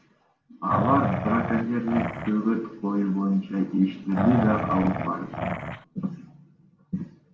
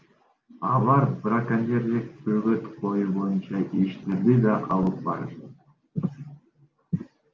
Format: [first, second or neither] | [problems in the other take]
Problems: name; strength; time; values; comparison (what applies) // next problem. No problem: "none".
second | background sound (Growling); 3 dB below the speech // room echo; dies away in 0.8 s